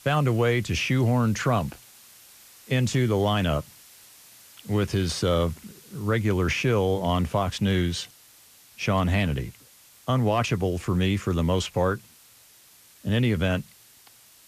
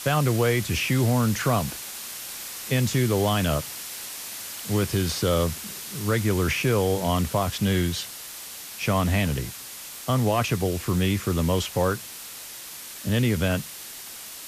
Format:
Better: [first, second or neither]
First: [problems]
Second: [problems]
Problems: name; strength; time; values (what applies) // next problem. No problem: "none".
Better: first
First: hiss; faint; throughout; 25 dB below the speech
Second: hiss; loud; throughout; 10 dB below the speech